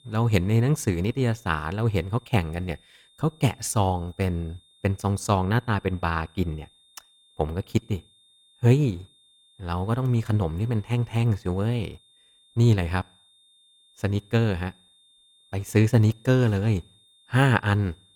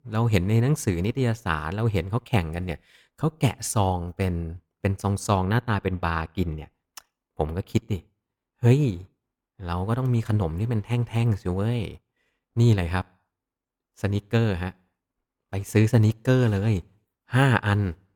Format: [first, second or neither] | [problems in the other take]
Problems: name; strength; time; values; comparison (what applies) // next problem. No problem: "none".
second | high-pitched whine; faint; throughout; 3.5 kHz, 30 dB below the speech